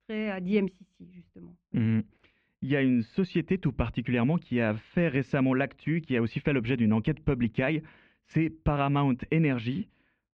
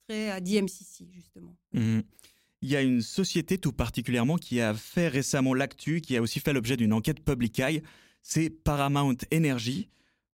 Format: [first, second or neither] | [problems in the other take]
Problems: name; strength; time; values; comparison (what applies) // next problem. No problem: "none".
second | muffled; very; fading above 2.5 kHz